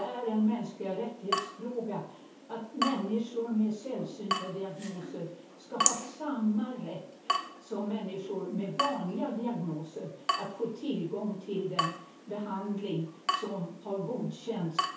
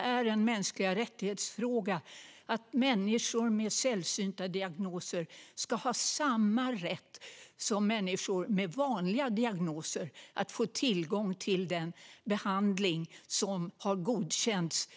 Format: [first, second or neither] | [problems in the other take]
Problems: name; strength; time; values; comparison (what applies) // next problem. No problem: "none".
second | background sound (Drip / Water tap, faucet); 3 dB below the speech // room echo; dies away in 0.6 s